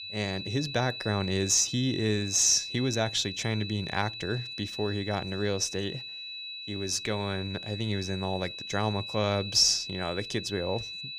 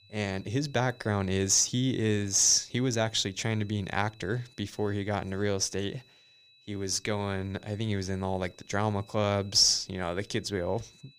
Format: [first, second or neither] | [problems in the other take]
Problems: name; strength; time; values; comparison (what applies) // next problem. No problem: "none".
second | high-pitched whine; loud; throughout; 4 kHz, 8 dB below the speech; faint in the second